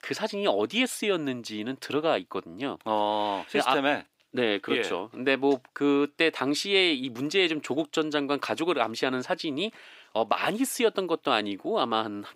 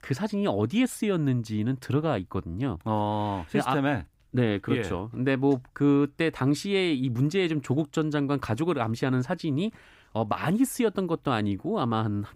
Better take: second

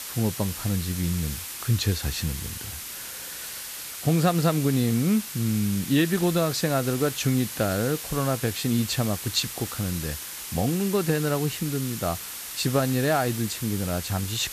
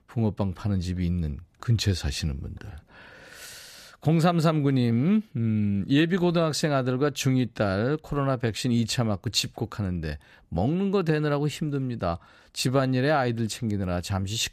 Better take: second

